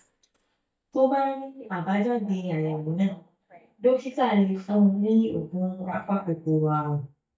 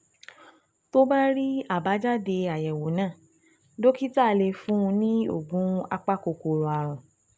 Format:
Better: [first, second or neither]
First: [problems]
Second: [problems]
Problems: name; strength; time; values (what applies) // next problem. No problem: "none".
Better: second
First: noise reduction (neural mask model DeepFilterNet 3)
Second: none